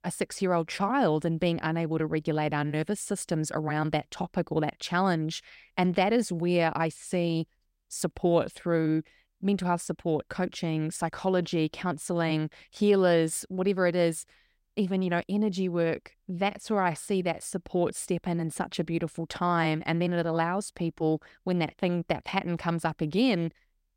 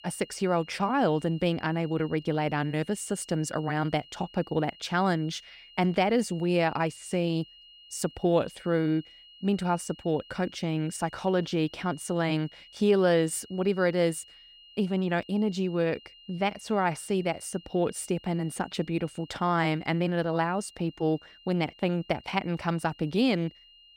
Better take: first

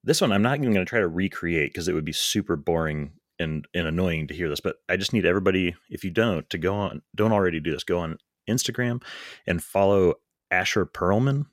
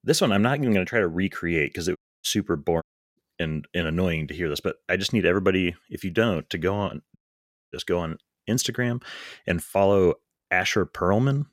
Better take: first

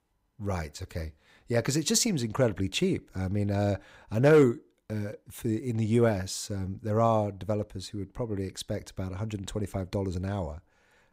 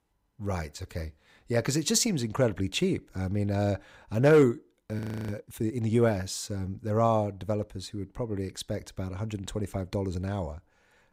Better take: first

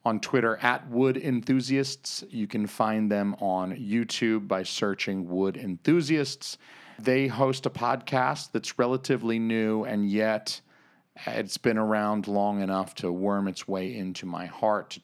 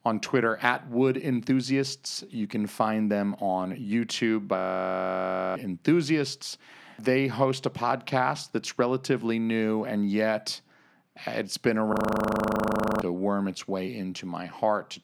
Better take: first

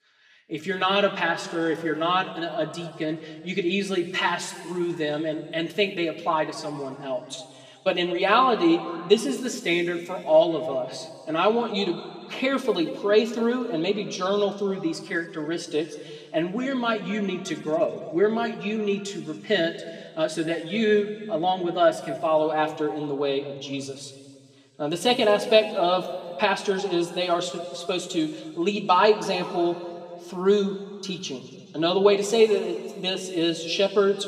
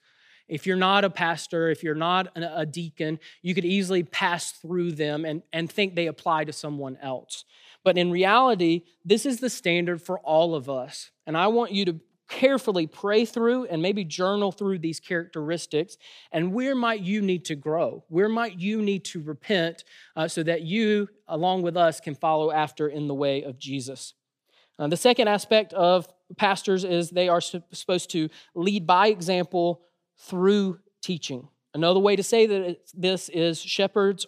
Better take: second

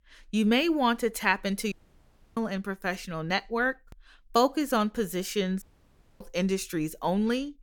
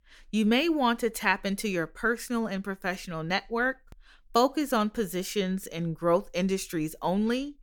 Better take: second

